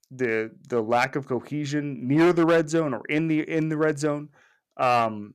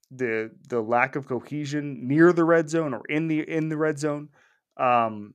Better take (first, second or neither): second